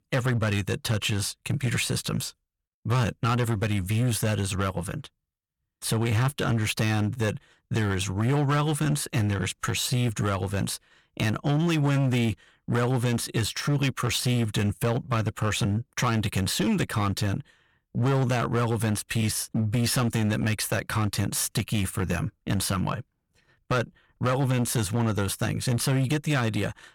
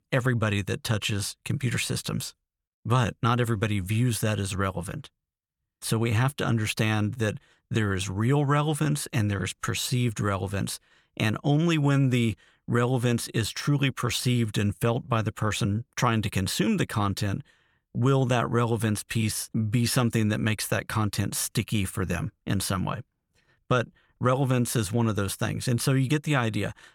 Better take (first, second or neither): second